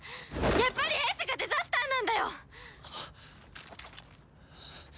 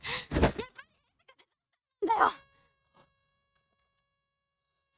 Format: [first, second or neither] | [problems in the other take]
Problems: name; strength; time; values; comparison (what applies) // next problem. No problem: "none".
first | noise reduction (neural mask model RNNoise)